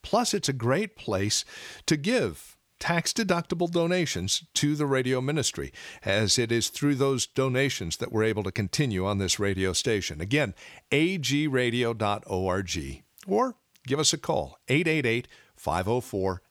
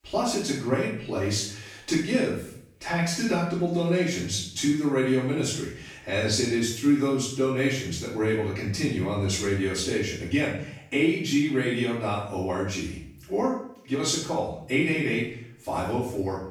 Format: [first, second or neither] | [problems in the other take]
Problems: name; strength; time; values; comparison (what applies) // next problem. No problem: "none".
first | off-mic speech; far // room echo; noticeable; dies away in 0.6 s